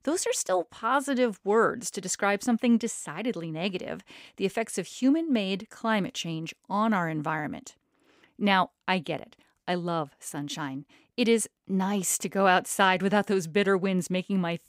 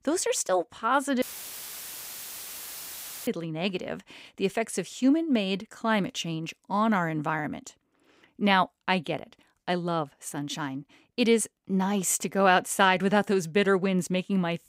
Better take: first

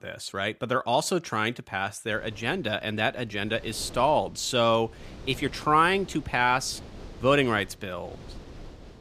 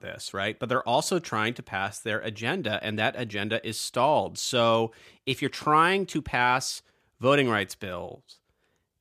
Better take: second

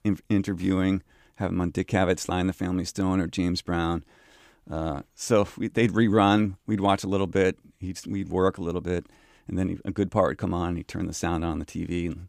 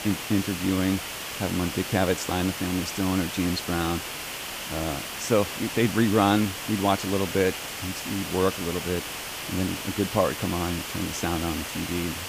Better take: first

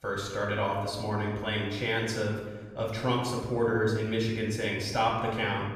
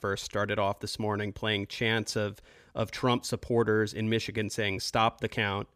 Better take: second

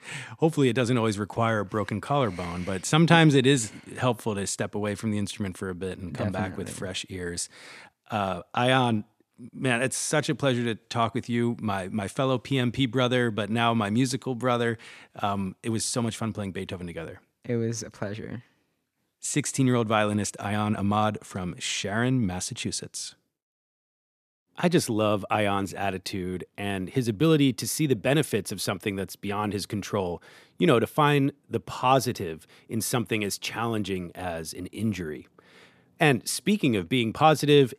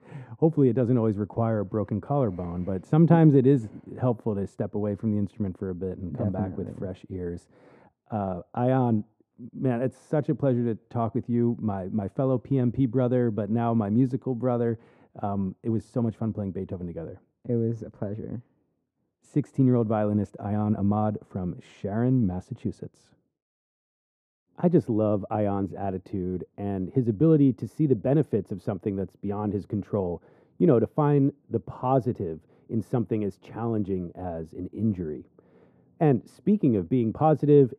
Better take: first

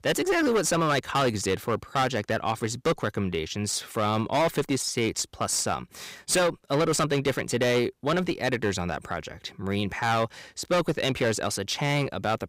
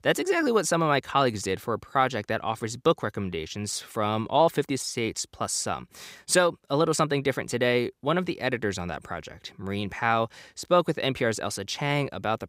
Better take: second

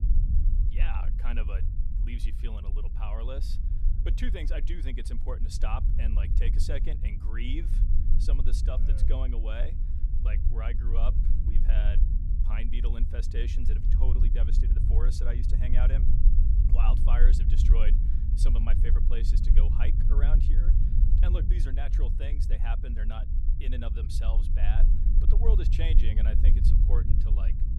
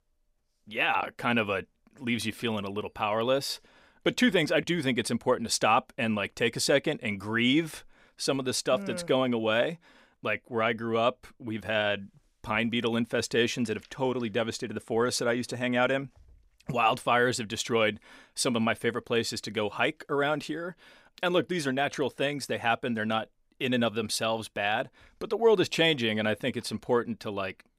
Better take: second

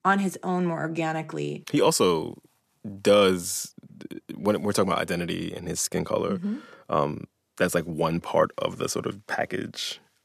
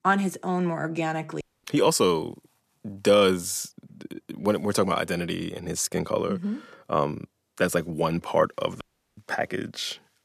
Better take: first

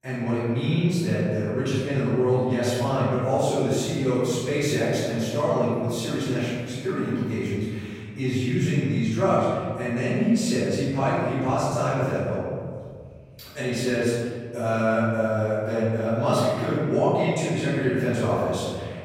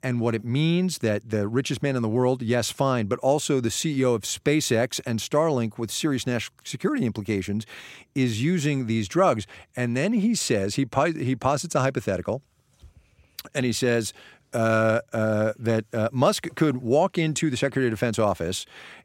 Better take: second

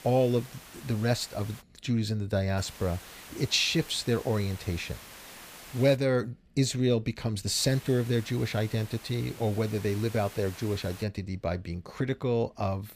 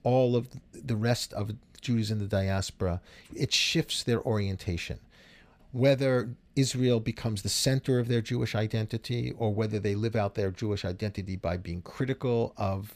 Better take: second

